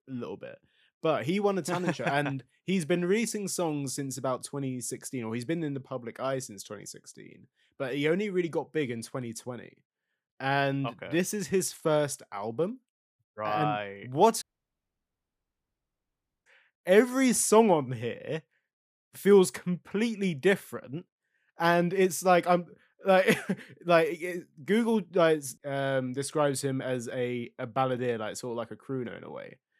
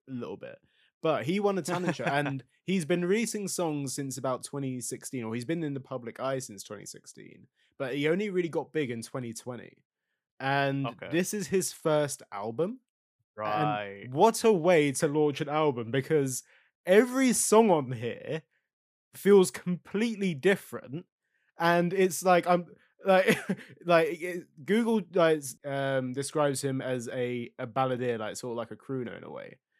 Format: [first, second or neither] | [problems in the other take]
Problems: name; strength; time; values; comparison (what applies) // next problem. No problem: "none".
second | audio cutting out; at 14 s for 2 s